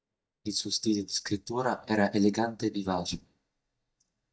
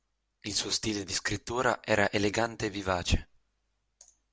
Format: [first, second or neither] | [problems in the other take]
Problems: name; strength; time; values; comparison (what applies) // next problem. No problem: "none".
second | noise reduction (neural mask model DeepFilterNet 3)